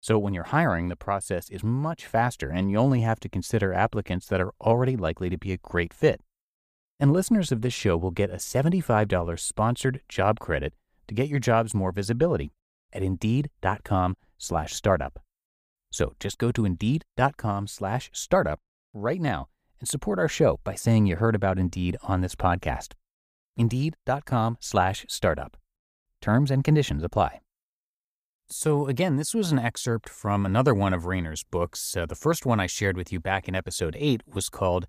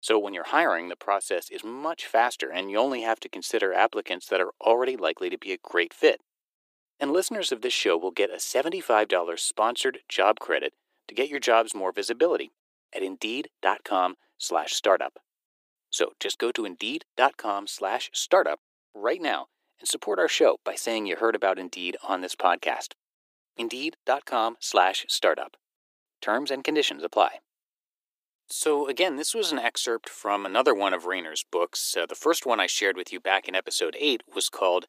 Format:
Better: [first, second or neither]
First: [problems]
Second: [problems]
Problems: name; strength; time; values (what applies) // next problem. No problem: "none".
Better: first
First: none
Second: thin; very; fading below 350 Hz